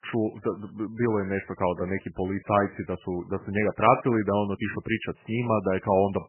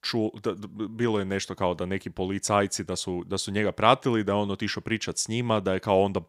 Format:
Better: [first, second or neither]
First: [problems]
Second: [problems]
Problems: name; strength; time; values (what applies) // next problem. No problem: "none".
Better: second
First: garbled, watery; badly; nothing above 3 kHz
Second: none